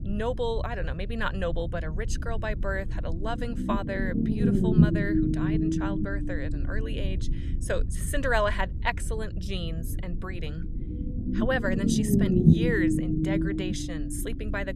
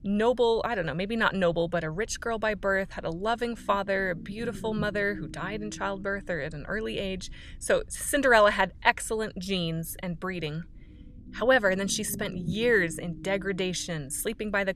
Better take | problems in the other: second | low rumble; loud; throughout; 1 dB below the speech; faint in the second

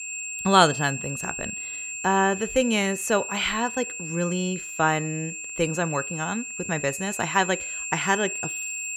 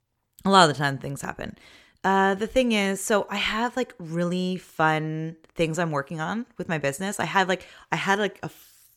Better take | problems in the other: second | high-pitched whine; loud; throughout; 7.5 kHz, 6 dB below the speech

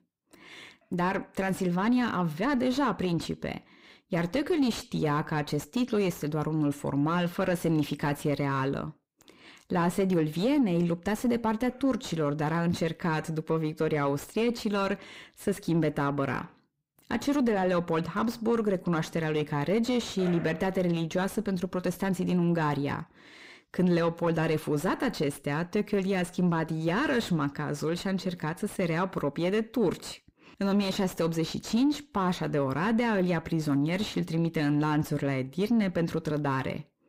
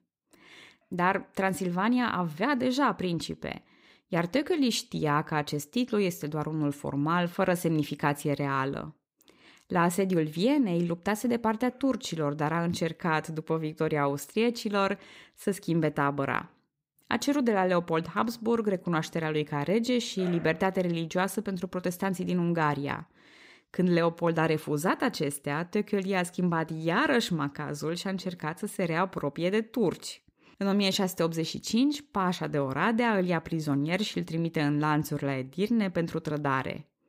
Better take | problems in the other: second | distortion; slight; 10 dB below the speech

